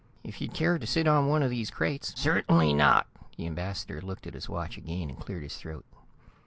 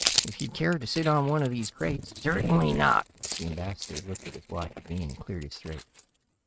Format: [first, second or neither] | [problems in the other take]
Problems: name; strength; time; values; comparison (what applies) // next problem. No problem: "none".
first | noise reduction (neural mask model RNNoise)